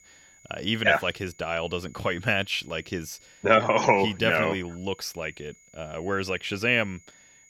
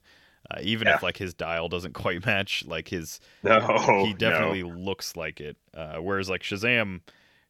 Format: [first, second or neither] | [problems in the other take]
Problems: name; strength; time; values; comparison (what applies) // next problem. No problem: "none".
second | high-pitched whine; faint; throughout; 7 kHz, 30 dB below the speech